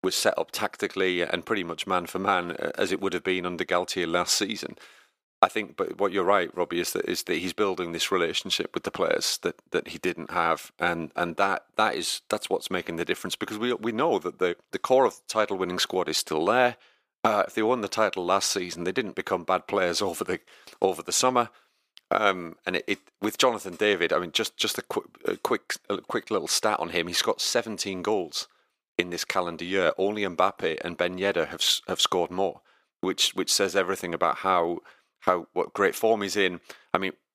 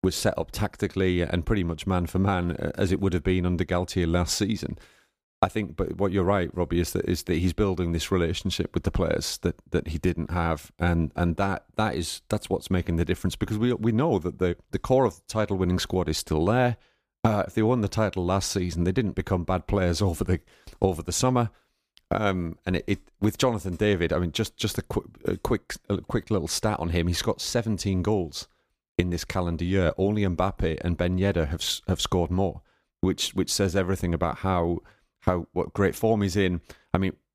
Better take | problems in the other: second | thin; somewhat; fading below 400 Hz

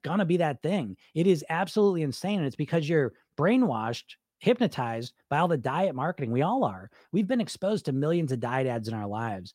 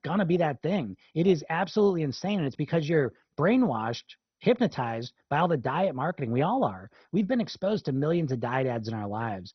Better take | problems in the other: first | garbled, watery; badly; nothing above 6 kHz

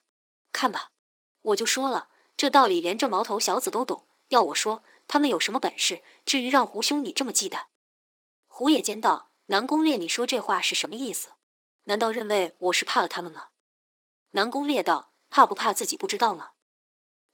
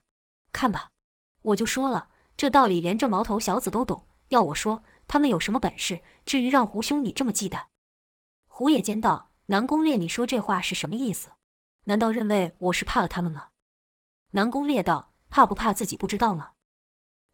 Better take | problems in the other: second | thin; very slightly; fading below 300 Hz

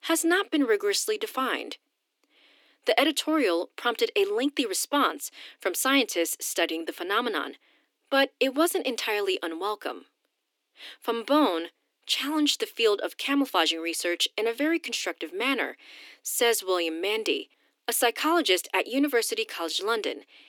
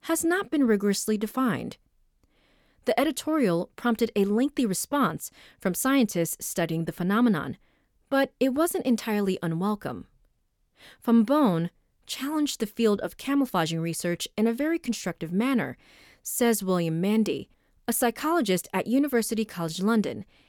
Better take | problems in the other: second | thin; somewhat; fading below 300 Hz

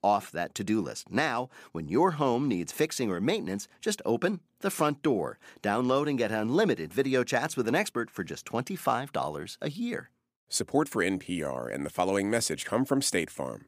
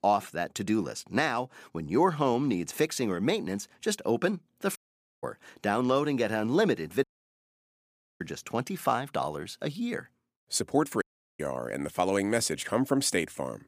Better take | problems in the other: first | audio cutting out; at 5 s, at 7 s for 1 s and at 11 s

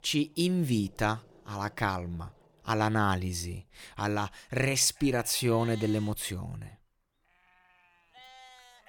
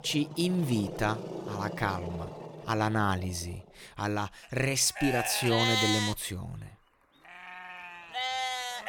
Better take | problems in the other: first | animal sounds; loud; throughout; 3 dB below the speech; faint in the first

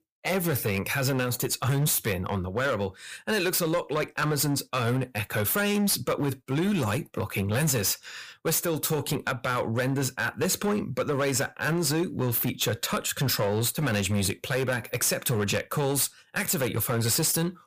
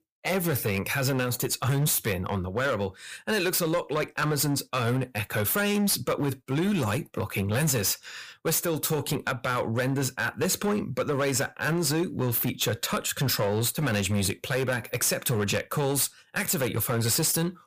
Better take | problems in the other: neither | distortion; slight; 12% of the sound clipped; the same in both

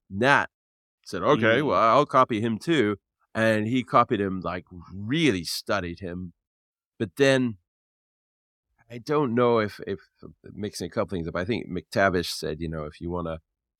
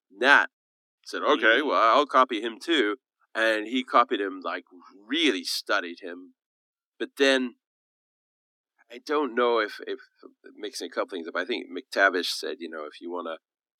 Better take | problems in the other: first | thin; very slightly; fading below 250 Hz

